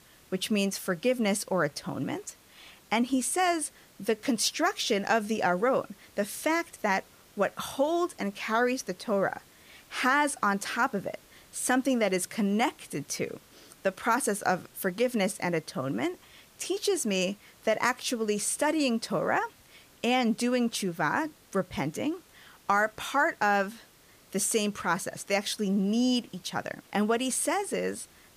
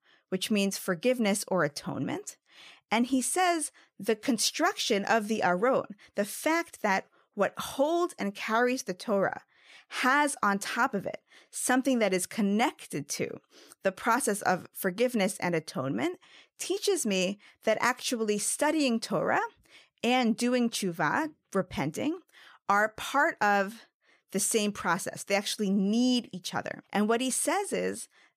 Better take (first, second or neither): second